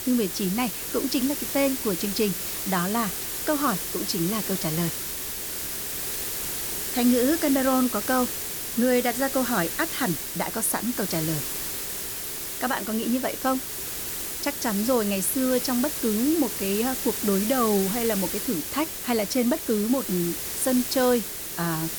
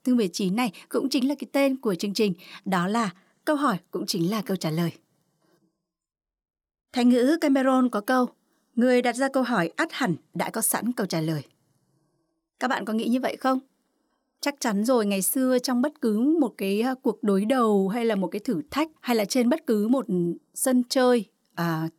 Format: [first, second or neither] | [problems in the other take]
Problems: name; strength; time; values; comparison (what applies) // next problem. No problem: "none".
second | hiss; loud; throughout; 3 dB below the speech